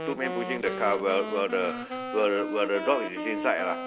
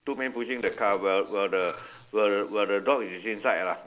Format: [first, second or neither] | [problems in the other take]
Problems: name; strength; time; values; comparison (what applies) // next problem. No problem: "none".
second | background sound (Wind instrument, woodwind instrument); 6 dB below the speech